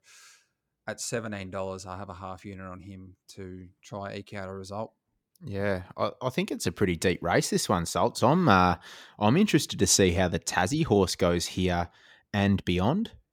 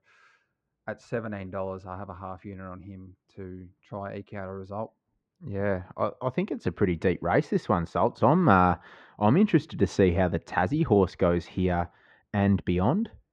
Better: first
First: none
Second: muffled; very; fading above 1.5 kHz

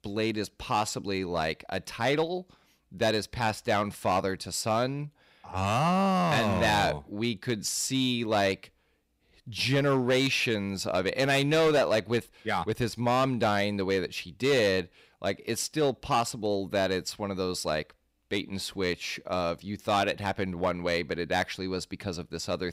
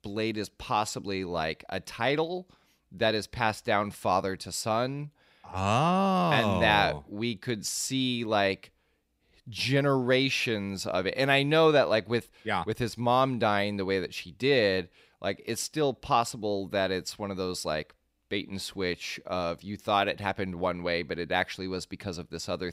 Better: second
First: distortion; slight; 4% of the sound clipped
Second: none

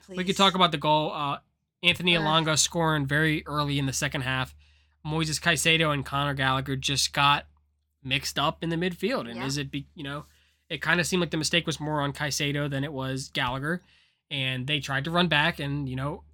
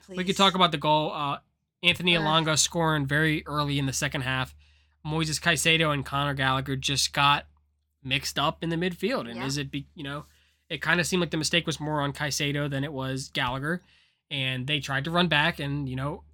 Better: neither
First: none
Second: none

